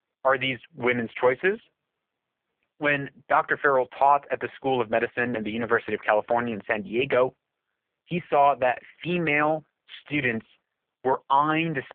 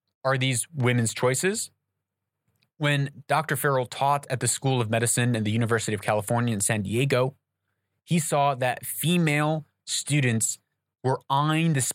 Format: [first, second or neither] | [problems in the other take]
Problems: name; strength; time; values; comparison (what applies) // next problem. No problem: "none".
second | phone-call audio; poor line